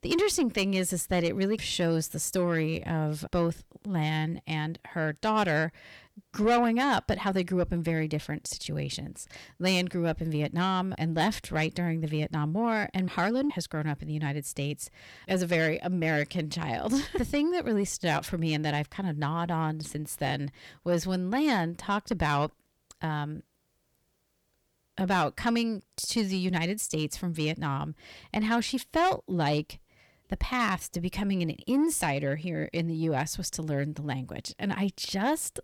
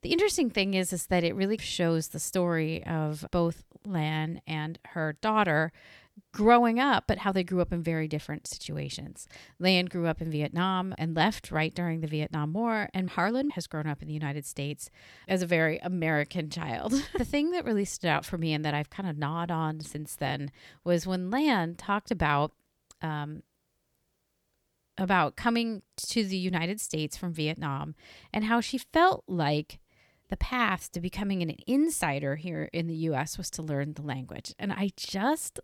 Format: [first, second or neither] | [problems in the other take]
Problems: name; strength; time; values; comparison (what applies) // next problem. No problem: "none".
second | distortion; slight; 10 dB below the speech